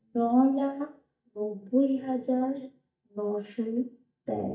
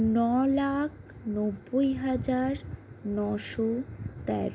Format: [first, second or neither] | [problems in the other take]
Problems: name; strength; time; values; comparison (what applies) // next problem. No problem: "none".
second | noise reduction (neural mask model DeepFilterNet 3)